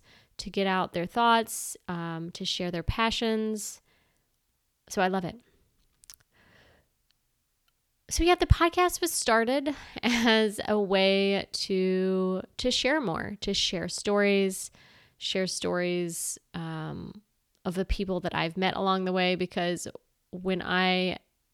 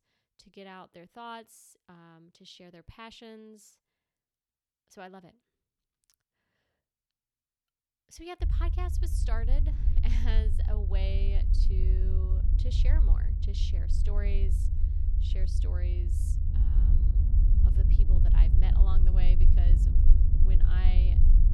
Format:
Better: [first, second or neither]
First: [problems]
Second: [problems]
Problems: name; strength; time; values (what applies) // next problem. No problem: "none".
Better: first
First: none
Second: low rumble; loud; from 8.5 s on; 1 dB below the speech